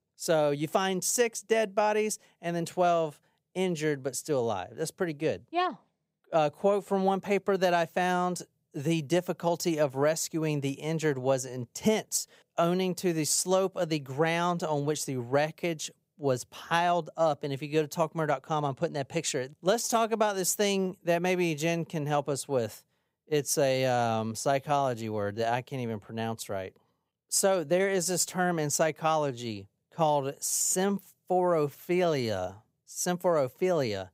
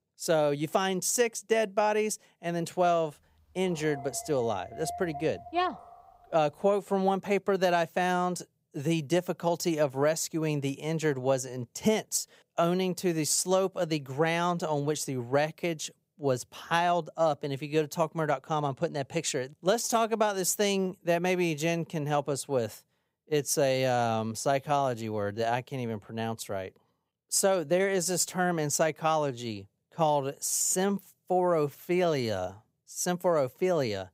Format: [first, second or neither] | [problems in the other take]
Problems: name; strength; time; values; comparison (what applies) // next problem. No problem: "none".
first | dog barking; faint; from 3.5 to 6 s; peak 10 dB below the speech